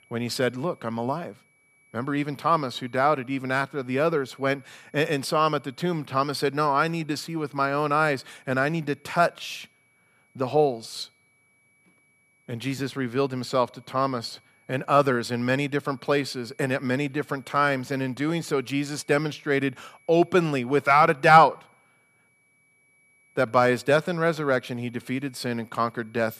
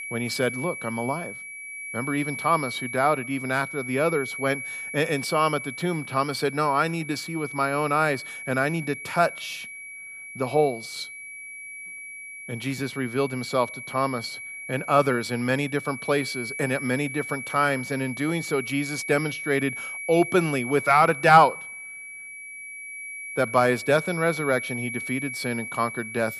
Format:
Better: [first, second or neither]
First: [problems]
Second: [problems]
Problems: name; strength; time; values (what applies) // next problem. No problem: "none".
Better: first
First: high-pitched whine; faint; throughout; 2.5 kHz, 35 dB below the speech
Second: high-pitched whine; loud; throughout; 2.5 kHz, 9 dB below the speech